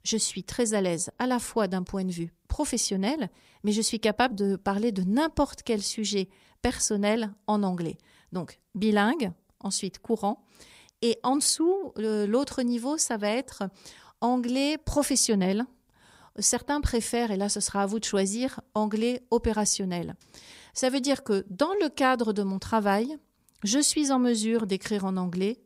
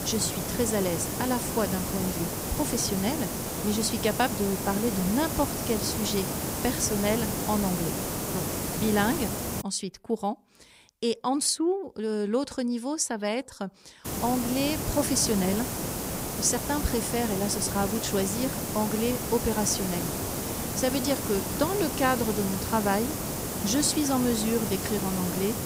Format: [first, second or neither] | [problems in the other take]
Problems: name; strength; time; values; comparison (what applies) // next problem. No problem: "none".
first | hiss; loud; until 9.5 s and from 14 s on; 2 dB below the speech